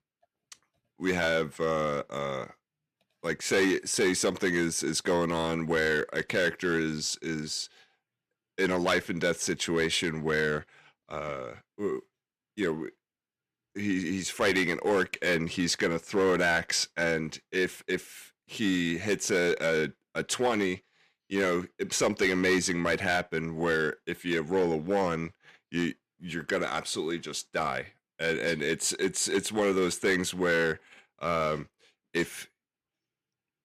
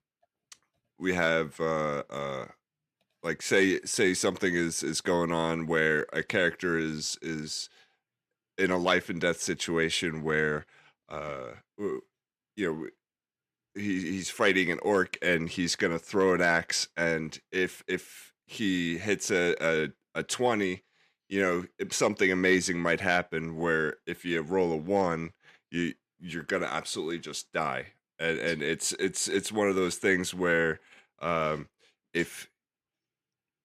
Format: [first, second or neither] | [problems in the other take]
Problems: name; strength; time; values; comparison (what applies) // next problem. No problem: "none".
second | distortion; slight; 3% of the sound clipped